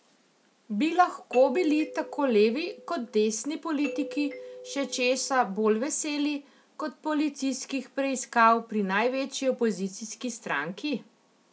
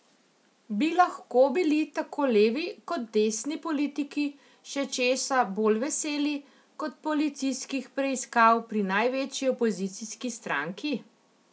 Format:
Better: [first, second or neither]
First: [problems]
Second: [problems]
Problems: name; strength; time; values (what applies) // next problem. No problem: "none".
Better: second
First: background sound (Doorbell); 14 dB below the speech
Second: none